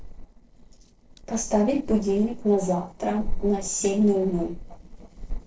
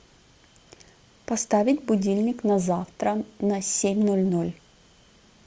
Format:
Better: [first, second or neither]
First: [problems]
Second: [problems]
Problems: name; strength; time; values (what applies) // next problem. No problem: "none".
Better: second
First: noise reduction (neural separator model SepFormer DNS4)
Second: none